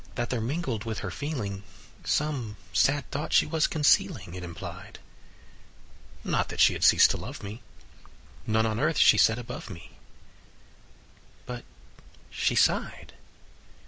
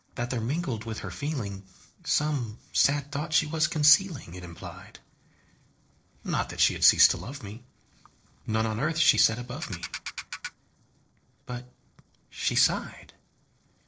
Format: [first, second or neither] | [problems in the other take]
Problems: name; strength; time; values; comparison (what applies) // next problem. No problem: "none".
first | noise reduction (neural separator model SepFormer DNS4)